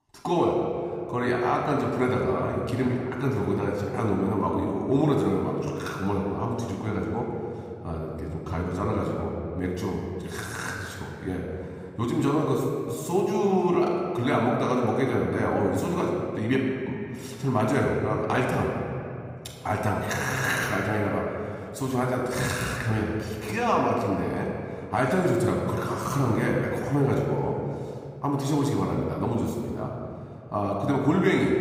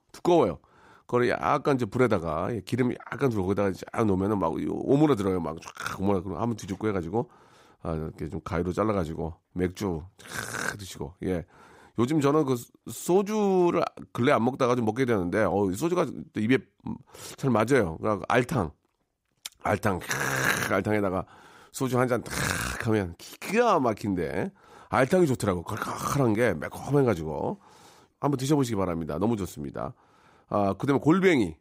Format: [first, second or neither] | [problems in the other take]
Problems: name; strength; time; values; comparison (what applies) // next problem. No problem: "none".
second | off-mic speech; somewhat distant // room echo; noticeable; dies away in 2.2 s